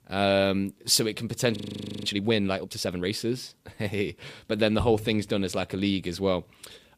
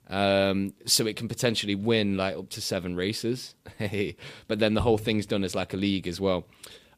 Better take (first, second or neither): second